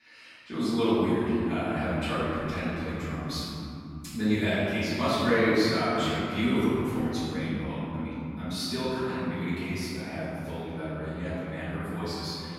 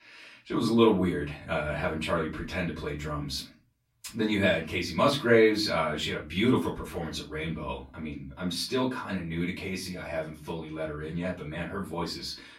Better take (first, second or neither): second